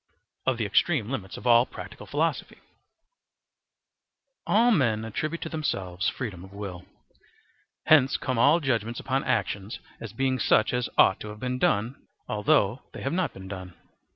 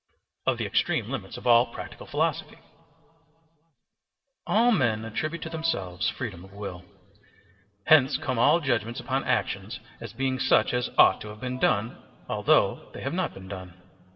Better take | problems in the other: first | background sound (Wind instrument, woodwind instrument); 19 dB below the speech // room echo; dies away in 2.2 s

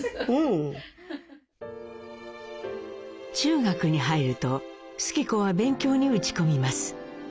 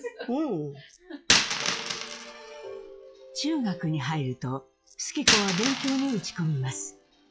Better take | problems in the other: first | noise reduction (classical method log-MMSE)

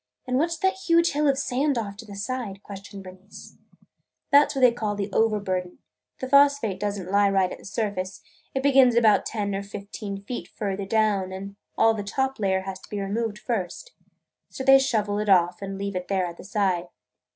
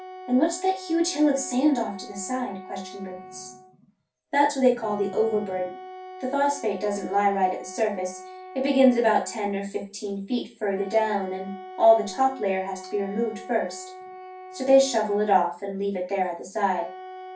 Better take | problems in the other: first | background sound (Wind instrument, woodwind instrument); 16 dB below the speech // room echo; dies away in 0.3 s

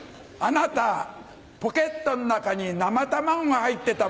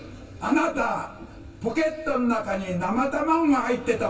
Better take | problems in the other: first | room echo; dies away in 0.2 s

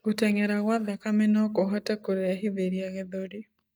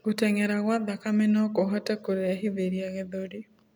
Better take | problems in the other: second | noise reduction (neural mask model DeepFilterNet 3)

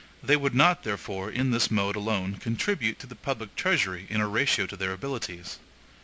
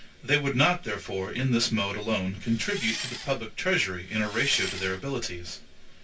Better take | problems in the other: first | background sound (Engine); 9 dB below the speech // room echo; dies away in 0.2 s

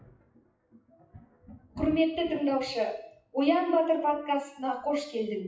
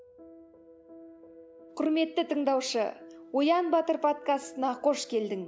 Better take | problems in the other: second | noise reduction (classical method WPE with log-MMSE)

